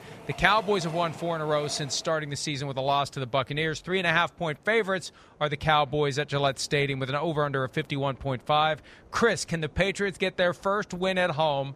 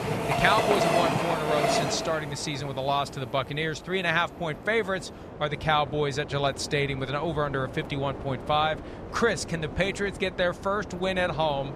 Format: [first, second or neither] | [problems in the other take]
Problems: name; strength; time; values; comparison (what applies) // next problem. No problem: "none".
first | train or aircraft noise; loud; throughout; 5 dB below the speech; faint in the first